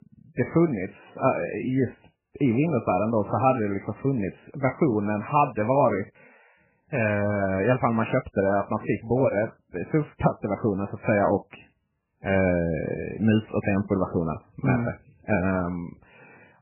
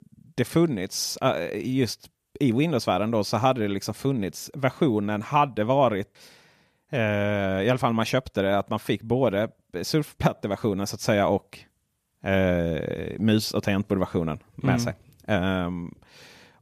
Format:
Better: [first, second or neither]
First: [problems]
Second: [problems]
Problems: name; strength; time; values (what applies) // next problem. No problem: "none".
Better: second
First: garbled, watery; badly; nothing above 2.5 kHz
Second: none